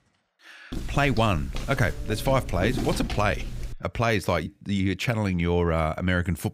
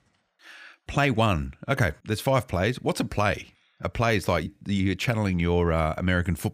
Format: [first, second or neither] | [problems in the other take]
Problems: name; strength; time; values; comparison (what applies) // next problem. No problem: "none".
second | footsteps; noticeable; from 0.5 to 4 s; peak 4 dB below the speech